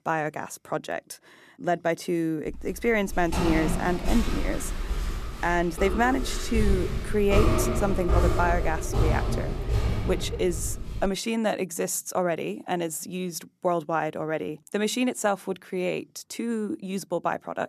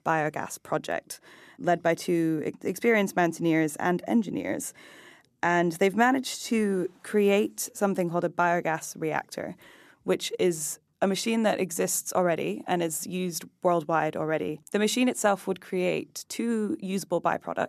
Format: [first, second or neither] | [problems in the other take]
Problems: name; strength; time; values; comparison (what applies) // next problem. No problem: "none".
second | footsteps; loud; from 2.5 to 11 s; peak 4 dB above the speech